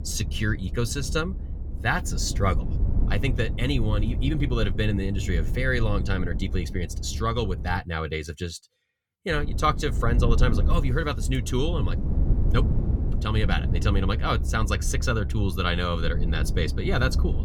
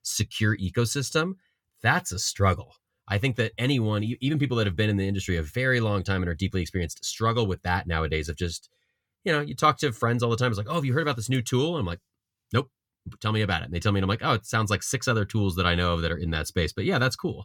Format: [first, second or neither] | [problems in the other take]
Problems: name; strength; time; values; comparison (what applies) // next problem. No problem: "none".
second | low rumble; noticeable; until 8 s and from 9.5 s on; 15 dB below the speech